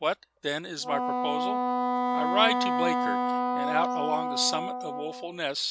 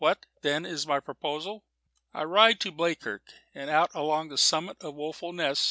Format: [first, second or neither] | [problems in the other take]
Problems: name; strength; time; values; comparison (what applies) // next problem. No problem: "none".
second | background sound (Wind instrument, woodwind instrument); 2 dB above the speech